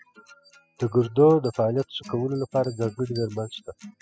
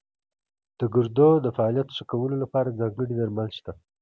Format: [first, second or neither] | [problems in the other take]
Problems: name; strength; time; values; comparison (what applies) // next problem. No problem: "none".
second | noise reduction (classical method spectral subtraction)